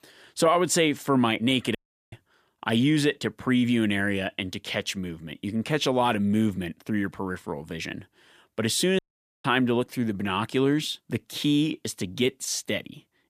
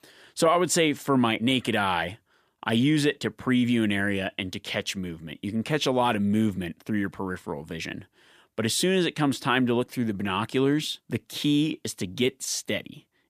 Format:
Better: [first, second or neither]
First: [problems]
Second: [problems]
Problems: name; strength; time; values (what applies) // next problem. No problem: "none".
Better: second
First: audio cutting out; at 2 s and at 9 s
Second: none